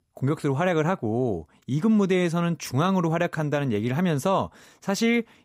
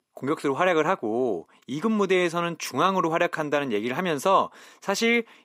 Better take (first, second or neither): first